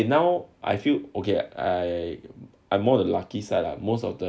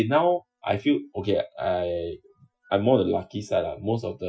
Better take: first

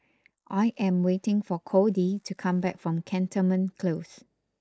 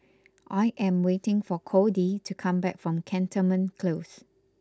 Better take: second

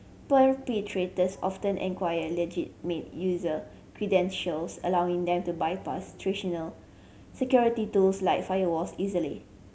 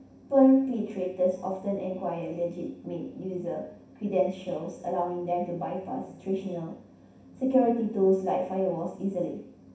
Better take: first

